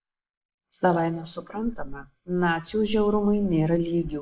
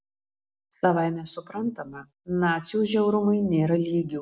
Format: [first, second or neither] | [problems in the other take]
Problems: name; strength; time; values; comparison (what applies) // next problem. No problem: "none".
second | noise reduction (neural mask model Resemble Enhance denoiser)